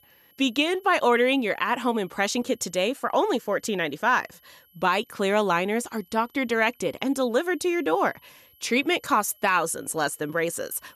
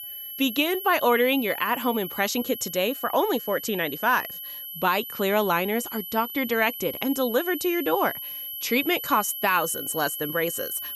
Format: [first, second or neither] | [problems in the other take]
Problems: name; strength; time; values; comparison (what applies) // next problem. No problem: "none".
first | high-pitched whine; loud; throughout; 12 kHz, 8 dB below the speech; faint in the first